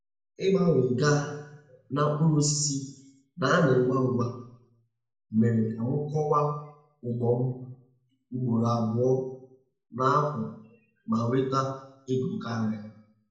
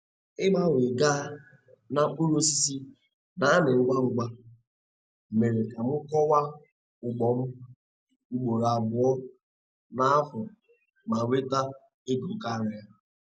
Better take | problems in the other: second | room echo; dies away in 0.7 s

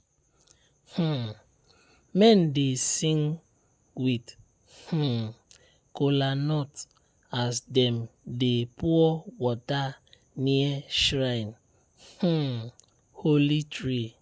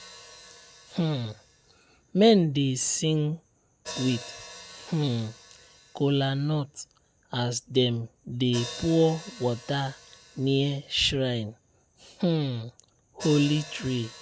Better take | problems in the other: first | background sound (Hi-hat); 18 dB below the speech

